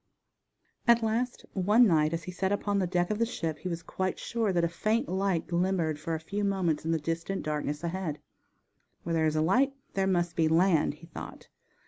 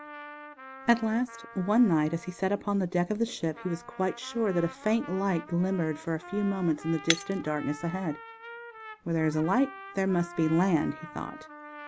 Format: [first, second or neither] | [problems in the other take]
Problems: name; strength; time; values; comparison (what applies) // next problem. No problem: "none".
first | background sound (Shatter + Trumpet); 14 dB below the speech